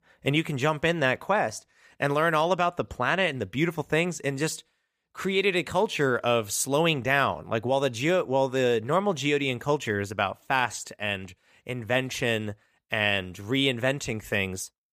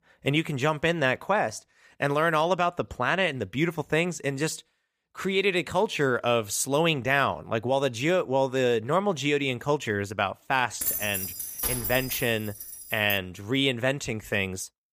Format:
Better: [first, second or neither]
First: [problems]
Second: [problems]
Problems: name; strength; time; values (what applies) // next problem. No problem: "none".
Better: first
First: none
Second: jangling keys; noticeable; from 11 to 13 s; peak 1 dB below the speech